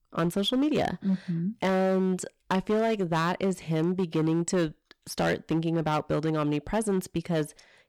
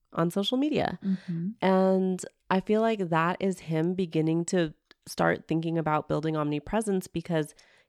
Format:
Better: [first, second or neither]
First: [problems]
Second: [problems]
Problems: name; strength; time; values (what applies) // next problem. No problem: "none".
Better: second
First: distortion; slight; 10% of the sound clipped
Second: none